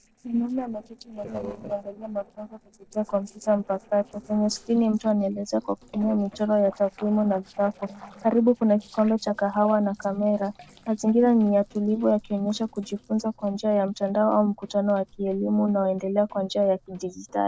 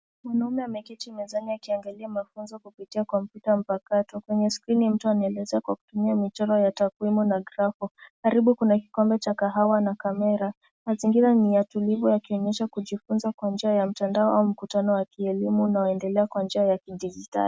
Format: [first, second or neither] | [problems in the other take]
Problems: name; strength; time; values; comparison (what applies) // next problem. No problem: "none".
second | noise reduction (neural separator model SepFormer DNS4)